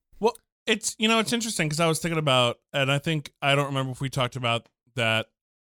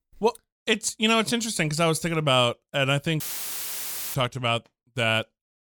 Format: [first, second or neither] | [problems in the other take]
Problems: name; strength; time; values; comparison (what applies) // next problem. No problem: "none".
first | audio cutting out; filled with static; at 3 s for 1 s